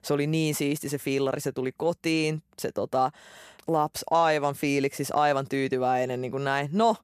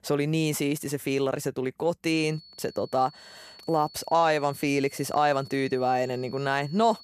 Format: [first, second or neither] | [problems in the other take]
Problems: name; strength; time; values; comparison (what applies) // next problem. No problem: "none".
first | high-pitched whine; faint; from 2 s on; 4.5 kHz, 20 dB below the speech